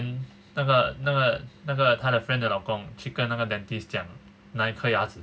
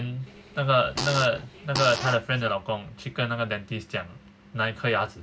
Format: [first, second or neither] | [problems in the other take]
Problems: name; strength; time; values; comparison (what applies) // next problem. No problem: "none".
first | background sound (Fart); 8 dB below the speech